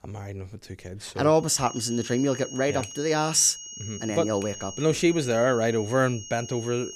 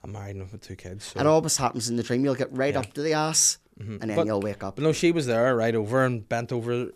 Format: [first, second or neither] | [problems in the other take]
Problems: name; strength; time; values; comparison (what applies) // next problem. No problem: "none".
second | high-pitched whine; noticeable; from 1.5 s on; 6.5 kHz, 15 dB below the speech